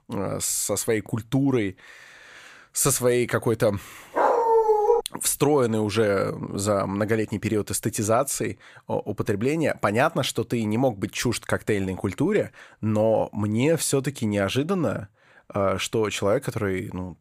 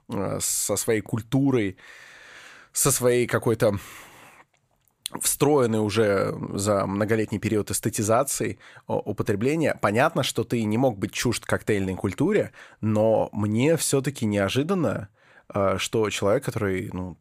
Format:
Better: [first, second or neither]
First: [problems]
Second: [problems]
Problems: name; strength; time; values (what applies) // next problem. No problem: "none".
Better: second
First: dog barking; loud; at 4 s; peak 5 dB above the speech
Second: none